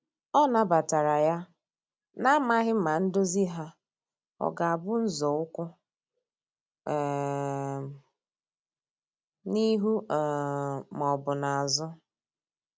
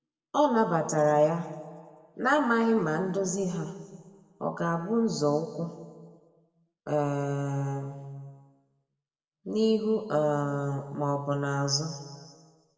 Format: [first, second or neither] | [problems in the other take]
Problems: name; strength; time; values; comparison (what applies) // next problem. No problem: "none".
first | room echo; dies away in 1.5 s